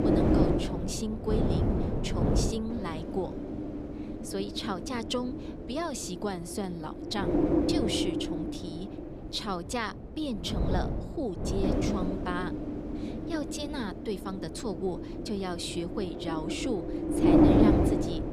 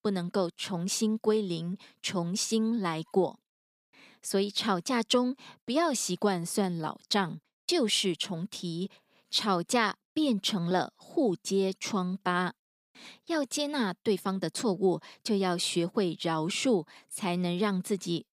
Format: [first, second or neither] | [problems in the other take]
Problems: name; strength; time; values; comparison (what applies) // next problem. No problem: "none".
second | wind noise on the microphone; heavy; 3 dB above the speech